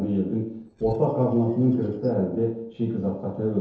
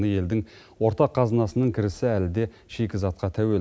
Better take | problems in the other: second | noise reduction (neural separator model SepFormer DNS4)

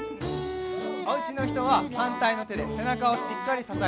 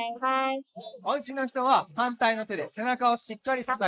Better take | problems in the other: first | noise reduction (neural mask model Resemble Enhance denoiser)

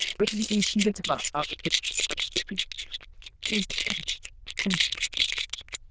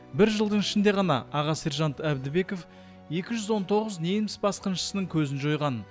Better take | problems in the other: second | noise reduction (neural diffusion model UNIVERSE++)

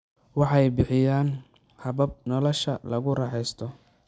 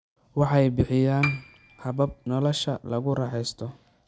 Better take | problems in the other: first | background sound (Piano); 11 dB below the speech

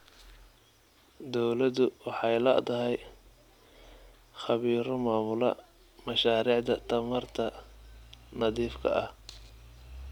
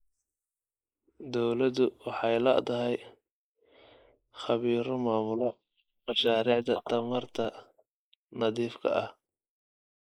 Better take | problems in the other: first | noise reduction (neural mask model Resemble Enhance denoiser)

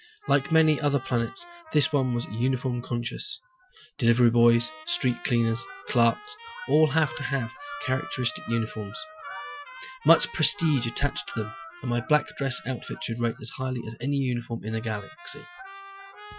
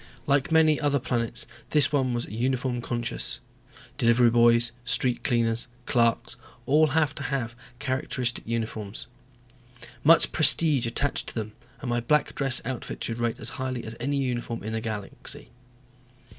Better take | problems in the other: second | noise reduction (classical method Wiener filter)

